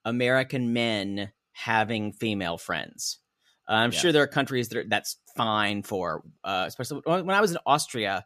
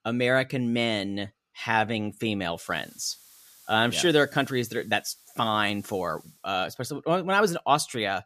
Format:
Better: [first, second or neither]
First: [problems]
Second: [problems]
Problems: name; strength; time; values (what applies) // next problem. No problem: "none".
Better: first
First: none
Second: hiss; faint; from 2.5 to 6.5 s; 25 dB below the speech